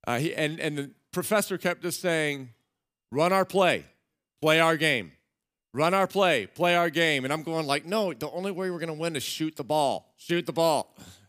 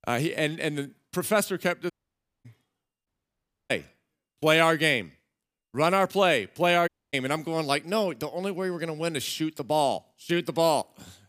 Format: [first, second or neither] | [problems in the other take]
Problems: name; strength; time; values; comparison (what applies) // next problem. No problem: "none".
first | audio cutting out; at 2 s for 0.5 s, at 3 s for 0.5 s and at 7 s